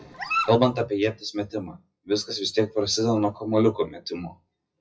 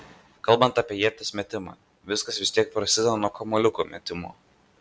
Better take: second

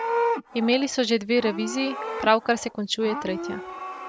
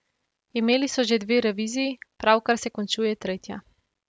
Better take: second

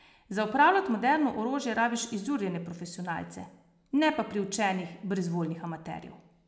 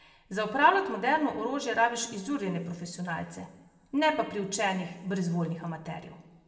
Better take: first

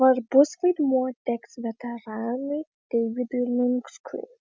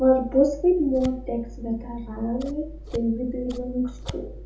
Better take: first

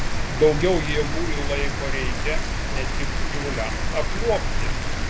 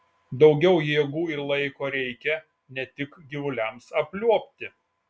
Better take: second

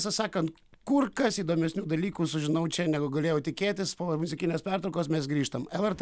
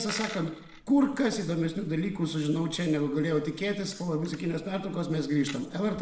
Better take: first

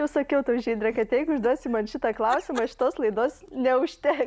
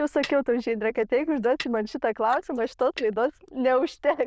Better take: first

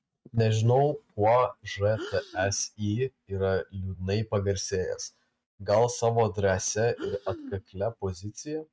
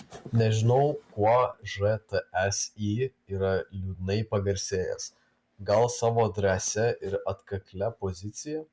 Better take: second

